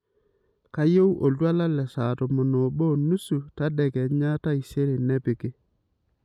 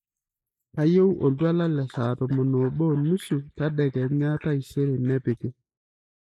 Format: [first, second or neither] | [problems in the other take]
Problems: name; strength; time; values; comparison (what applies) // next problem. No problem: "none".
first | noise reduction (neural mask model Resemble Enhance denoiser)